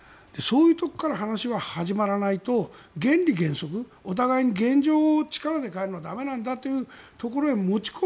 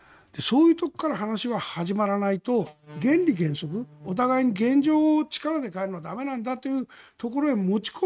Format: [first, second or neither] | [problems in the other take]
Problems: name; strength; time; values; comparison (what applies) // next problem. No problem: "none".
first | noise reduction (neural mask model RNNoise)